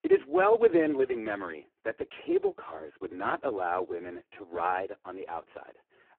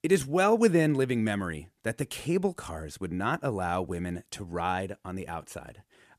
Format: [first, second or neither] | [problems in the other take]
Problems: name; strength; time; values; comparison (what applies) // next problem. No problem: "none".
second | phone-call audio; poor line